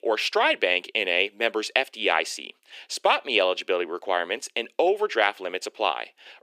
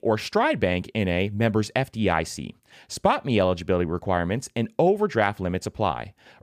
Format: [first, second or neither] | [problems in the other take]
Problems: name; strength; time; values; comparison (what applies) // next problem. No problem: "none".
second | thin; very; fading below 350 Hz